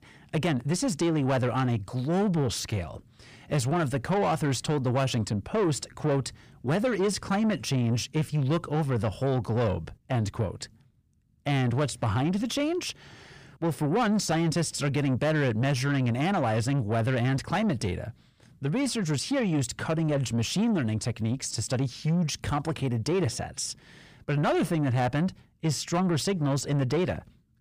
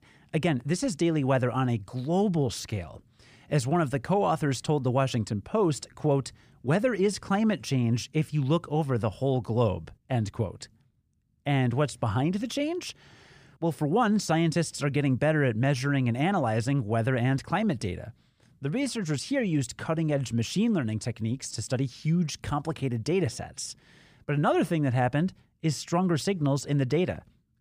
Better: second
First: distortion; slight; 10 dB below the speech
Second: none

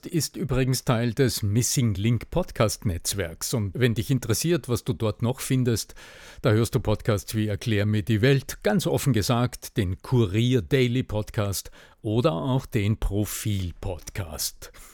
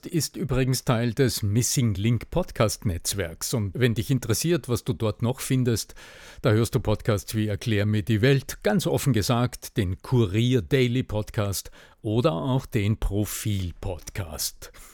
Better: neither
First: none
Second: none

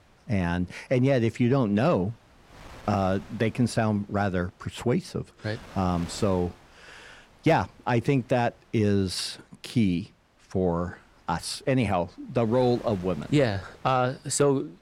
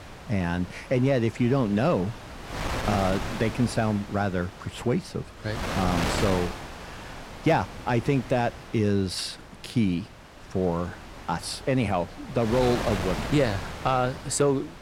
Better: first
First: wind noise on the microphone; occasional gusts; 25 dB below the speech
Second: wind noise on the microphone; heavy; 7 dB below the speech

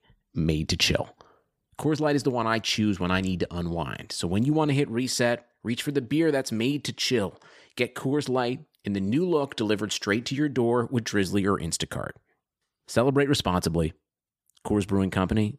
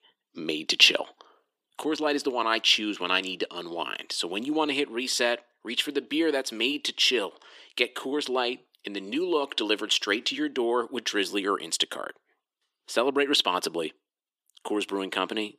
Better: first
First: none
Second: thin; somewhat; fading below 300 Hz

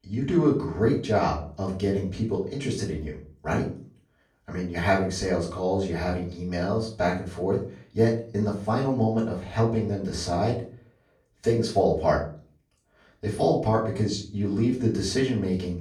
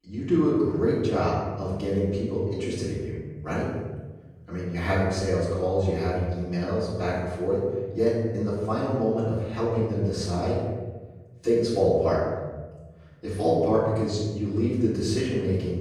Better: first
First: room echo; slight; dies away in 0.4 s // off-mic speech; far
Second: room echo; strong; dies away in 1.4 s // off-mic speech; far

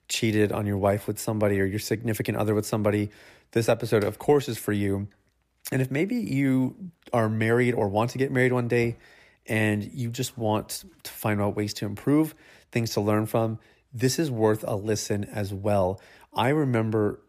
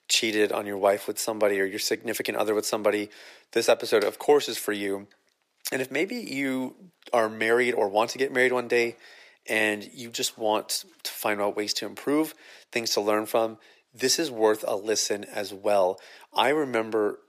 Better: first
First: none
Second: thin; somewhat; fading below 450 Hz

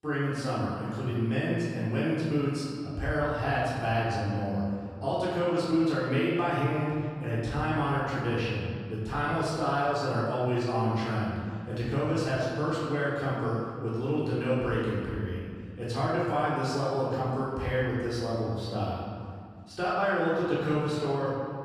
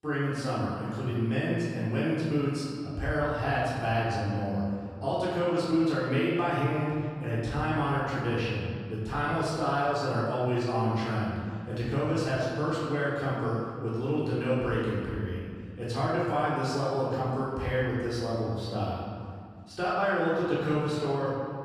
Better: neither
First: off-mic speech; far // room echo; strong; dies away in 1.9 s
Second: off-mic speech; far // room echo; strong; dies away in 1.9 s

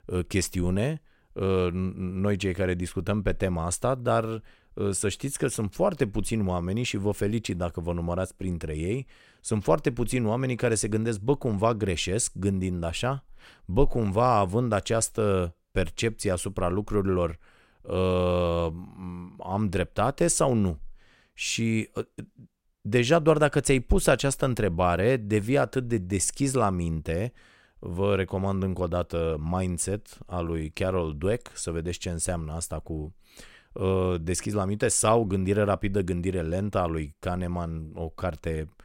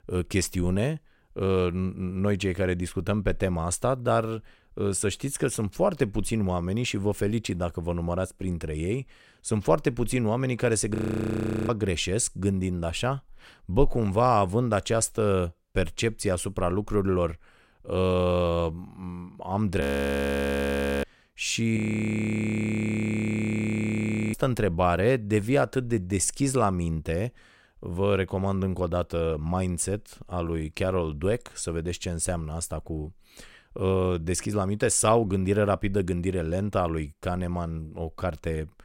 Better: first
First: none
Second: audio freezing; at 11 s for 0.5 s, at 20 s for 1 s and at 22 s for 2.5 s

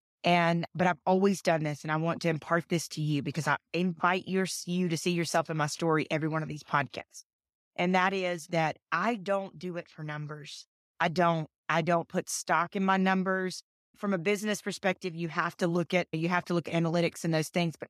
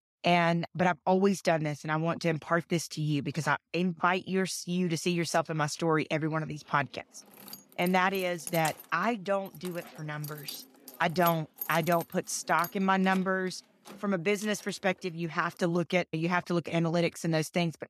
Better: first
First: none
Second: jangling keys; noticeable; from 7.5 to 15 s; peak 7 dB below the speech

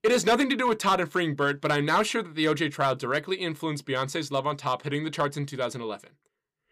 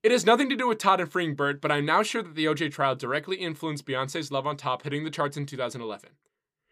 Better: second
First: distortion; slight; 3% of the sound clipped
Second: none

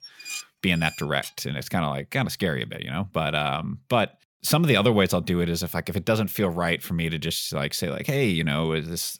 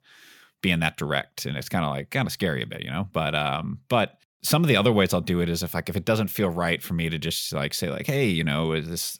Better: second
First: clattering dishes; noticeable; until 1.5 s; peak 9 dB below the speech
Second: none

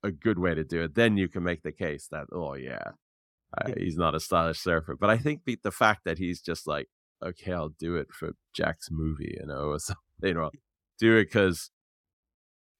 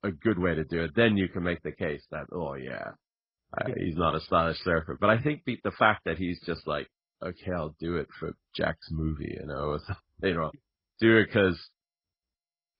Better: first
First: none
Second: garbled, watery; badly; nothing above 5 kHz

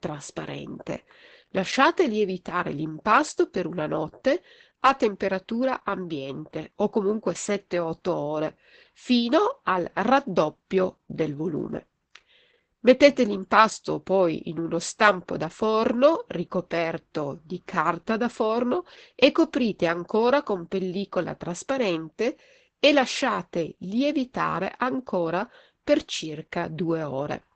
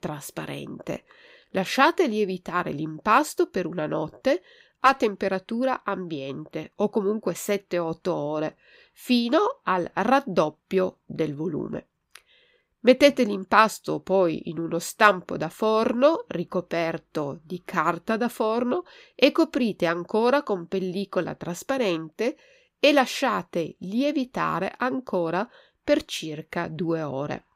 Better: second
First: garbled, watery; badly; nothing above 8 kHz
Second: none

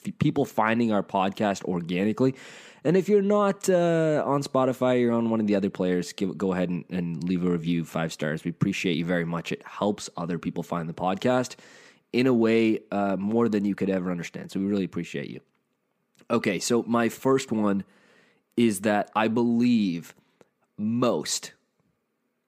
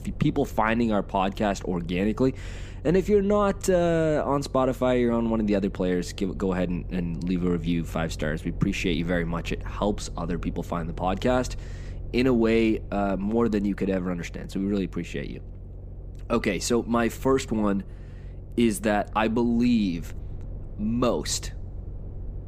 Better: first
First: none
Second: low rumble; faint; throughout; 25 dB below the speech

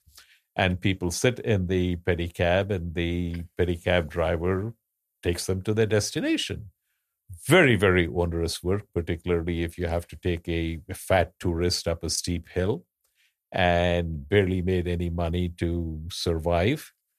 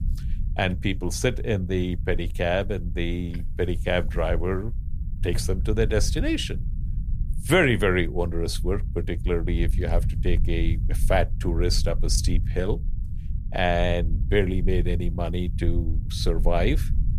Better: first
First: none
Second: low rumble; noticeable; throughout; 20 dB below the speech

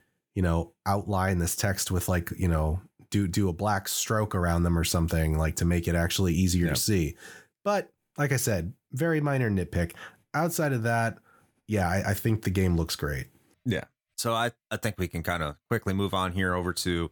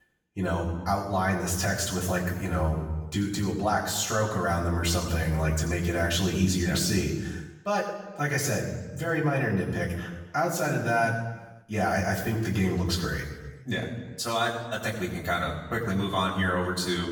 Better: first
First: none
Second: room echo; noticeable; dies away in 1 s // off-mic speech; far

